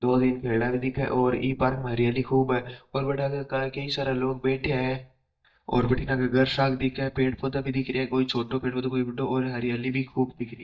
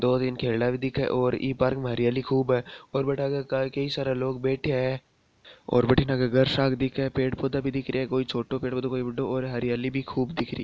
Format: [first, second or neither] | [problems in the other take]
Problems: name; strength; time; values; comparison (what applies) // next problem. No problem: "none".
second | noise reduction (neural mask model DeepFilterNet 3)